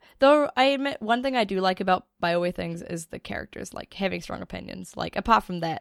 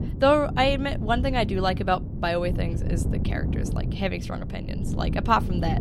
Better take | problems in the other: first | wind noise on the microphone; occasional gusts; 15 dB below the speech

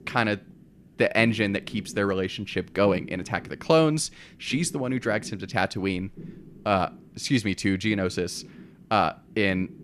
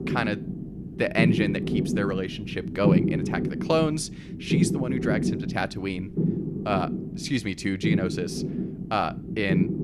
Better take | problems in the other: first | low rumble; loud; throughout; 5 dB below the speech; faint in the first

